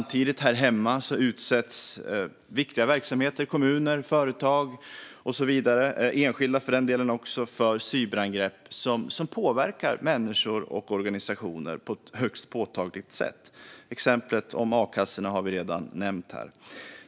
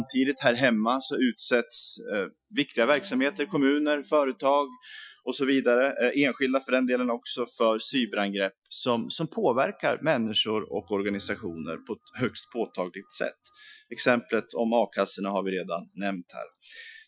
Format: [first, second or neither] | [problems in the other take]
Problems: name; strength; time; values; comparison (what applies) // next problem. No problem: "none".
first | noise reduction (classical method Wiener filter)